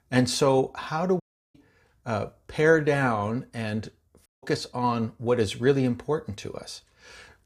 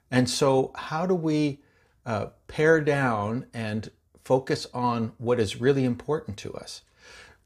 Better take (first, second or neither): second